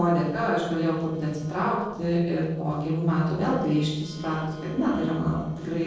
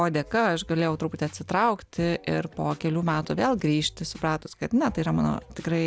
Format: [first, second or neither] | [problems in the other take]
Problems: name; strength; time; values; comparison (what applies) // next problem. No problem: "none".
second | noise reduction (neural separator model SepFormer DNS4)